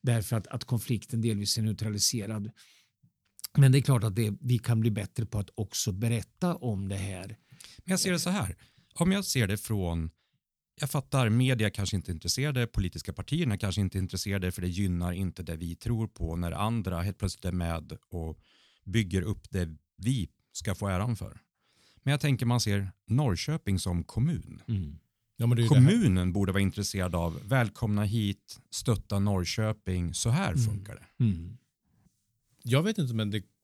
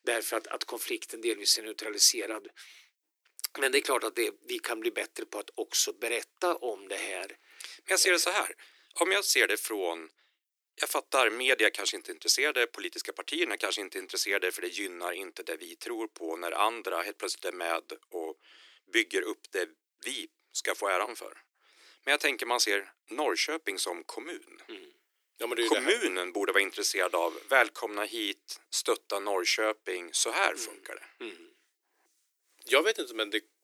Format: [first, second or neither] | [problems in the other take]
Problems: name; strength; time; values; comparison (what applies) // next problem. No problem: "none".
first | thin; very; fading below 300 Hz